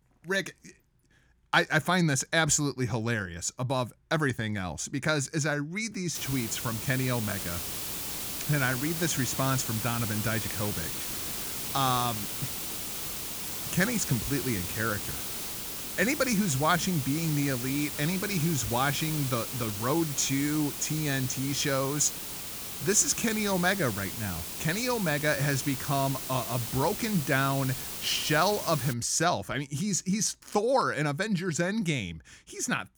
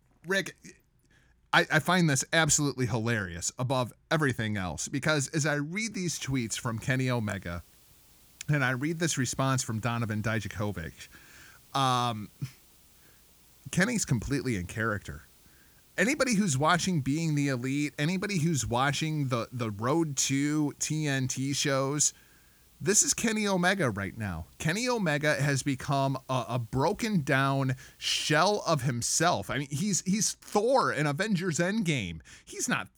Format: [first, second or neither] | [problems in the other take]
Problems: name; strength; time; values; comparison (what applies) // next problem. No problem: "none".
second | hiss; loud; from 6 to 29 s; 5 dB below the speech; faint in the second